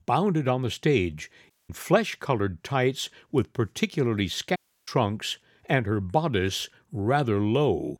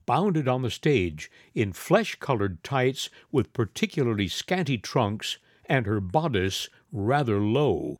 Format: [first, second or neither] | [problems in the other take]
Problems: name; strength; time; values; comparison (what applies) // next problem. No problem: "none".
second | audio cutting out; at 1.5 s and at 4.5 s